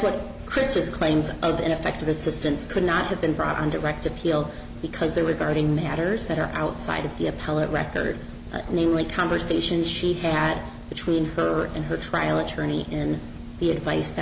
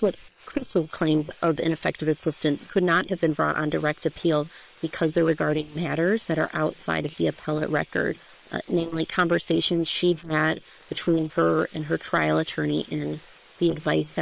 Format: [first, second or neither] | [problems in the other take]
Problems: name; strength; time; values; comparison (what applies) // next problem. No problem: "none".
first | noise reduction (neural separator model SepFormer WHAM!)